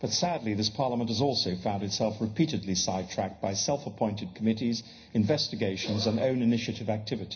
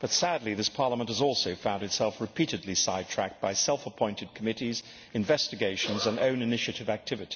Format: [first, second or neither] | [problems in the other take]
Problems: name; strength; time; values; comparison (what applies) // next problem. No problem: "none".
second | room echo; dies away in 0.5 s